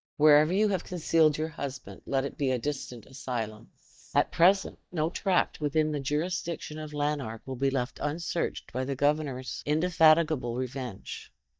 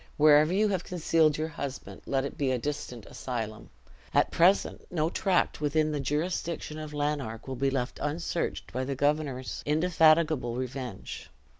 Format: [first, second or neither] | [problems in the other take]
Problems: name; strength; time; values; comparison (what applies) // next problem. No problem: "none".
second | noise reduction (neural mask model DeepFilterNet 3)